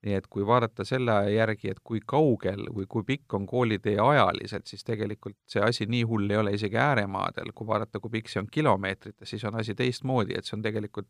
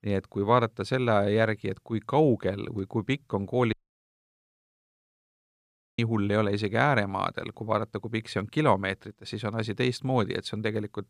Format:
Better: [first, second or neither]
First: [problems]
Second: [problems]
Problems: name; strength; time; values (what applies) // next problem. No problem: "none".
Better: first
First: none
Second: audio cutting out; at 3.5 s for 2.5 s